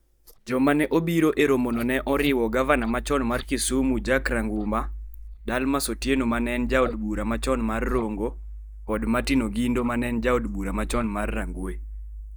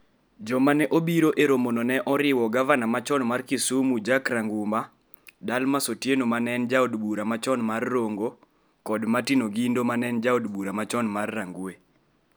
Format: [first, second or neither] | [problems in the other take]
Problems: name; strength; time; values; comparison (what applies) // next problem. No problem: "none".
second | noise reduction (neural mask model DeepFilterNet 3)